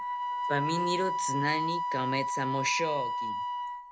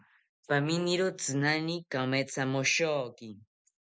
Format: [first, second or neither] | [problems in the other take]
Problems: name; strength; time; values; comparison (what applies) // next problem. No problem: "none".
second | background sound (Wind instrument, woodwind instrument); 2 dB above the speech